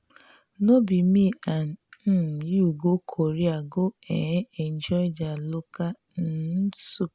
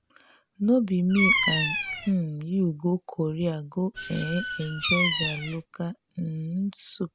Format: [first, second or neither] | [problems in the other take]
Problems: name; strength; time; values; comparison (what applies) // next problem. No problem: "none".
first | background sound (Bird vocalization, bird call, bird song); 4 dB below the speech